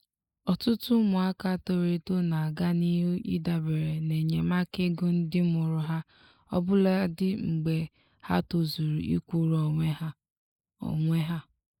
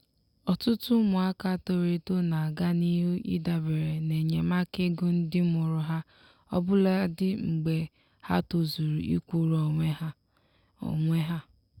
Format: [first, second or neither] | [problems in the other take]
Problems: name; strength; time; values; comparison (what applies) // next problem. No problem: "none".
second | noise reduction (neural mask model Resemble Enhance denoiser)